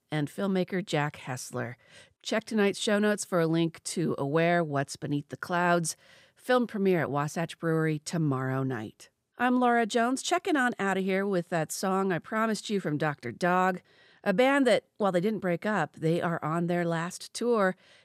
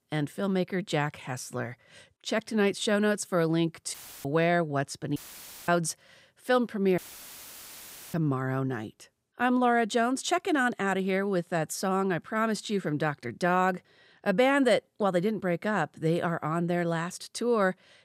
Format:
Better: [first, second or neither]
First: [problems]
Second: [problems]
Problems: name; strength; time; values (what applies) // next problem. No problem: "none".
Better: first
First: none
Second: audio cutting out; filled with static; at 4 s, at 5 s for 0.5 s and at 7 s for 1 s